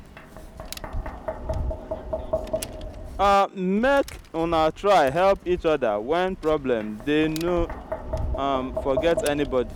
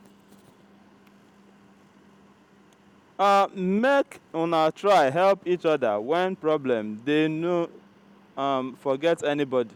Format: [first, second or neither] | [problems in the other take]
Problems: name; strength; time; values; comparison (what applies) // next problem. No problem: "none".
second | background sound (Tap); 8 dB below the speech